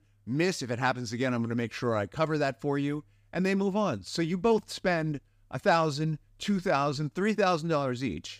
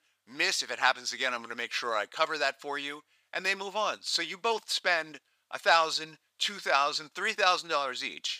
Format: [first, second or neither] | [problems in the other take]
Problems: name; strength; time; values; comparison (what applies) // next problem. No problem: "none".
first | thin; very; fading below 900 Hz